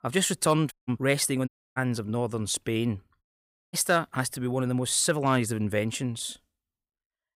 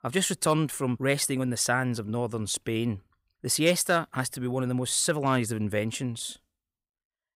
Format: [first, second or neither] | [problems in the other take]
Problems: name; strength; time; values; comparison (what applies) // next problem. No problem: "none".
second | audio cutting out; at 0.5 s, at 1.5 s and at 3 s for 0.5 s